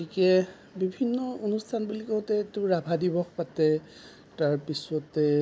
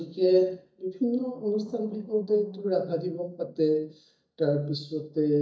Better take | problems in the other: first | noise reduction (neural mask model DeepFilterNet 3)

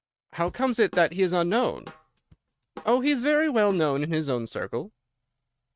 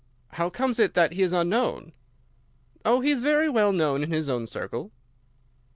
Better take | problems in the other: second | noise reduction (neural mask model RNNoise)

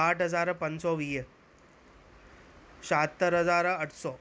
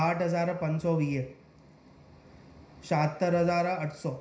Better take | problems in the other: first | room echo; dies away in 0.5 s

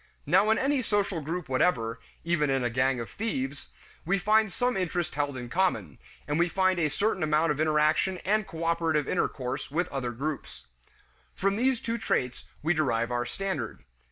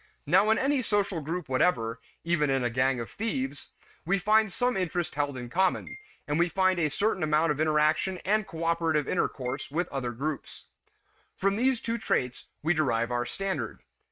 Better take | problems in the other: first | noise reduction (neural mask model RNNoise)

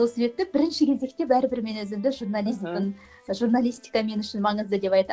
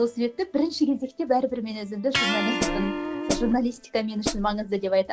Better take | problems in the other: first | background sound (Hi-hat + Electric guitar); 3 dB below the speech

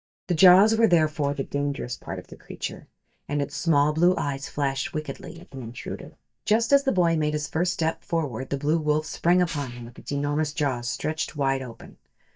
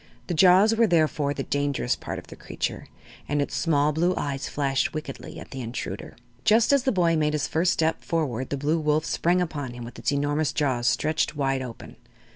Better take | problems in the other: second | noise reduction (neural mask model DeepFilterNet 3)

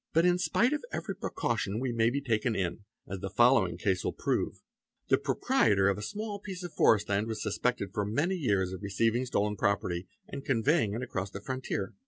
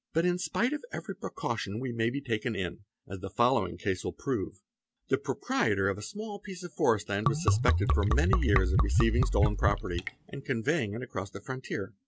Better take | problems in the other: first | background sound (Liquid); 5 dB above the speech

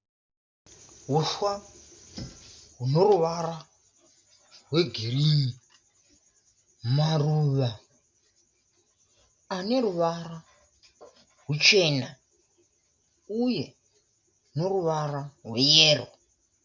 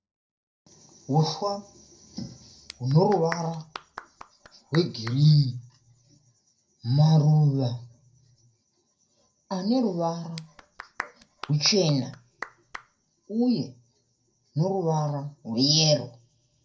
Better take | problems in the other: first | background sound (Clapping); 17 dB below the speech // room echo; dies away in 0.2 s

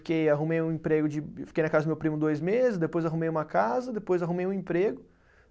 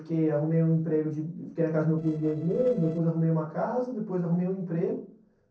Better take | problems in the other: first | noise reduction (neural separator model SepFormer DNS4)

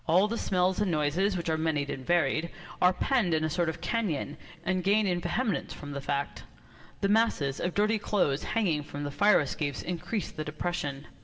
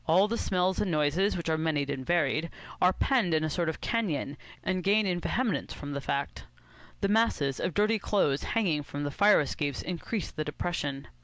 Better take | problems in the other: second | room echo; dies away in 2.3 s

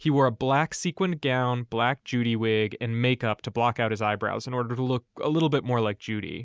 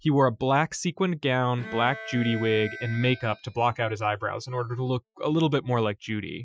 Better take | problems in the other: first | noise reduction (classical method Wiener filter)

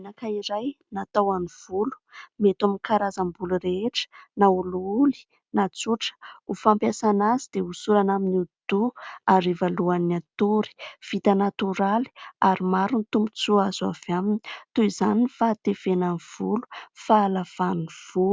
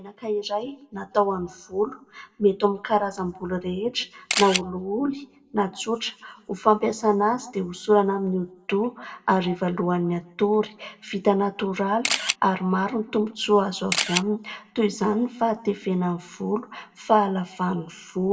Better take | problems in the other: first | background sound (Camera); 1 dB above the speech // room echo; dies away in 0.6 s

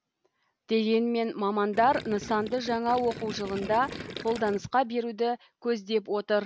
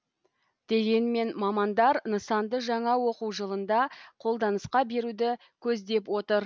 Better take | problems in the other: second | background sound (Gurgling); 12 dB below the speech

